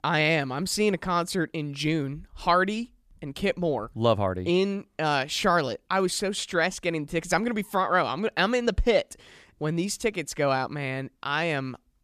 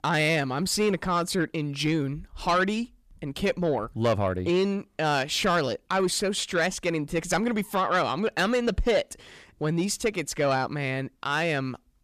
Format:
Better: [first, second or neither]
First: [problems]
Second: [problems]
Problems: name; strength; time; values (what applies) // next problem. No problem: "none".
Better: first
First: none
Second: distortion; slight; 10 dB below the speech